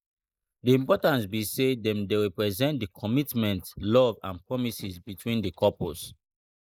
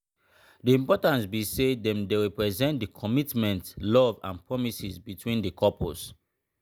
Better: second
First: noise reduction (neural mask model Resemble Enhance denoiser)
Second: none

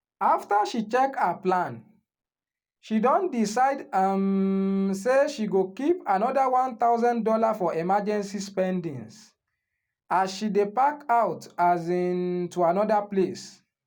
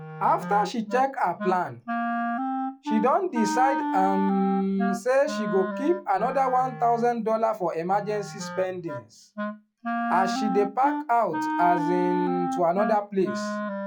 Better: first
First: none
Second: noise reduction (classical method log-MMSE)

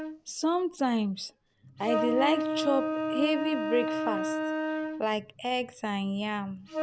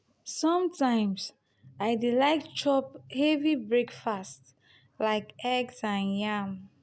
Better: second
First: background sound (Wind instrument, woodwind instrument); 3 dB below the speech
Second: none

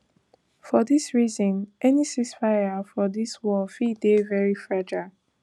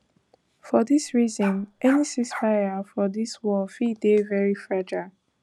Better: first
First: none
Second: background sound (Bark); 13 dB below the speech

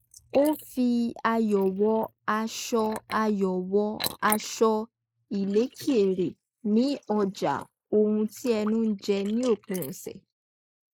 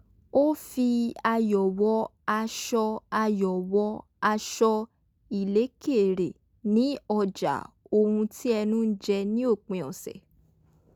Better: second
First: noise reduction (neural mask model Resemble Enhance denoiser)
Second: none

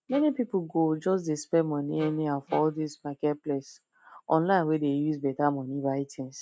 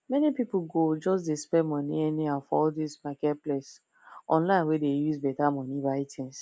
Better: second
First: noise reduction (neural mask model RNNoise)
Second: none

